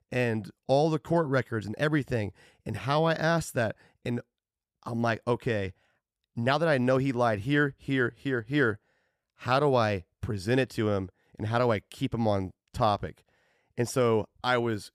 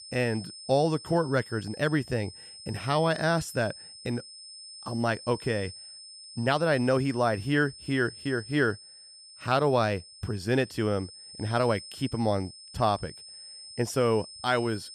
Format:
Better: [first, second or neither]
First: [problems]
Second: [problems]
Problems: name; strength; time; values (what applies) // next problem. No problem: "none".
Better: first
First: none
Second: high-pitched whine; noticeable; throughout; 5 kHz, 15 dB below the speech